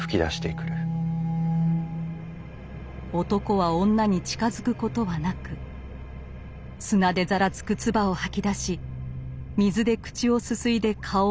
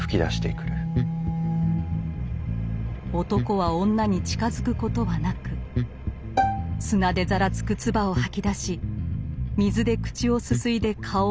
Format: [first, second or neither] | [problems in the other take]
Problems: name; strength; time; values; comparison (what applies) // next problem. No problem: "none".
first | background sound (Bass guitar + Bowed string instrument); 2 dB below the speech